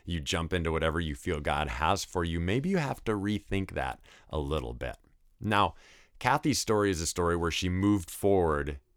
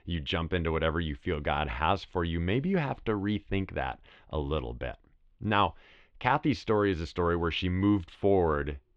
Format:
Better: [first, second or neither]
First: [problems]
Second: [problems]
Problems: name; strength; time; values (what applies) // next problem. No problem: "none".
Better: first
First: none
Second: muffled; slightly; fading above 3.5 kHz